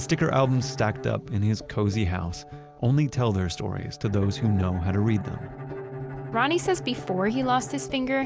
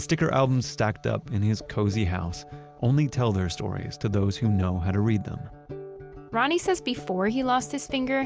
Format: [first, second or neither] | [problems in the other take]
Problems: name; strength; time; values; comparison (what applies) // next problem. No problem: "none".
second | background sound (Bowed string instrument); 14 dB below the speech